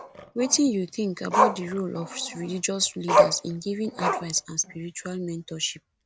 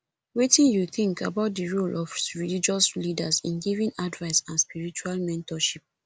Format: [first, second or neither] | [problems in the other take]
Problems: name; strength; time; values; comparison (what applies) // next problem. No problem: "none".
second | background sound (Growling); as loud as the speech